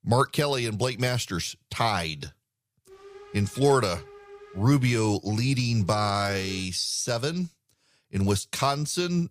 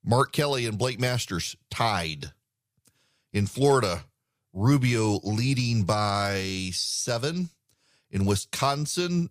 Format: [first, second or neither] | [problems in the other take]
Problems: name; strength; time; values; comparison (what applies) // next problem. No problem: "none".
second | hiss; faint; from 3 to 6.5 s; 20 dB below the speech